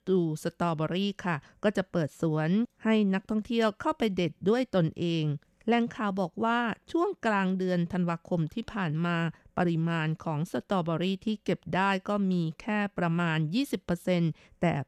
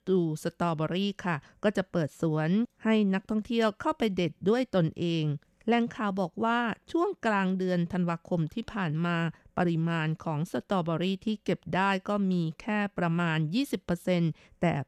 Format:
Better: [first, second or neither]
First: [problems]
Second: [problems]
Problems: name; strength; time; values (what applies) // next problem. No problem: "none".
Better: neither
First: none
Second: none